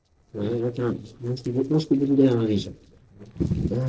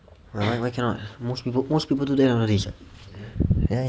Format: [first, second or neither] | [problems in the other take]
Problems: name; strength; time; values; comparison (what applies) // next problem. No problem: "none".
second | noise reduction (neural separator model SepFormer DNS4)